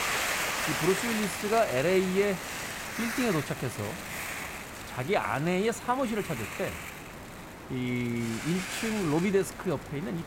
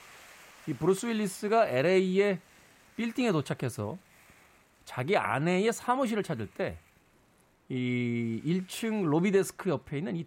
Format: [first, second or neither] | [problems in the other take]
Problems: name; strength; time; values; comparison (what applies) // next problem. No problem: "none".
second | hiss; loud; throughout; 5 dB below the speech; faint in the second